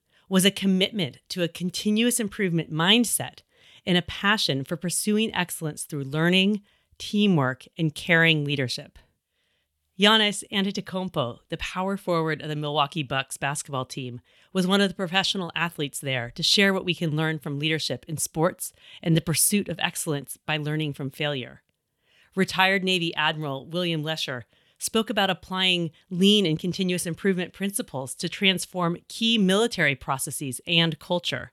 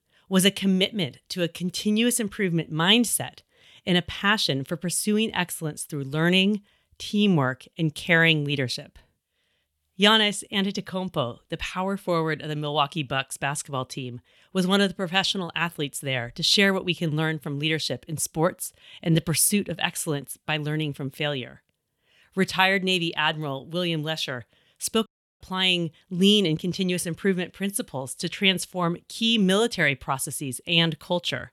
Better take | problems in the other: first | audio cutting out; at 25 s

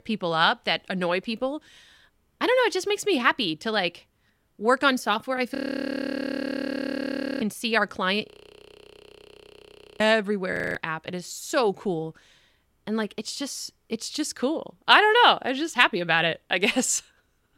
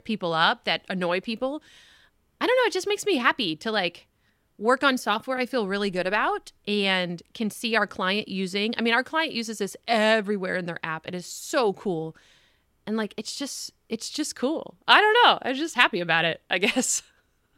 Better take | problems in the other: second | audio freezing; at 5.5 s for 2 s, at 8.5 s for 1.5 s and at 11 s

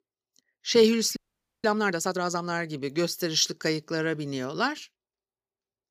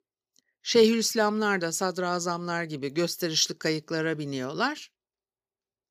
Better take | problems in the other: second | audio freezing; at 1 s

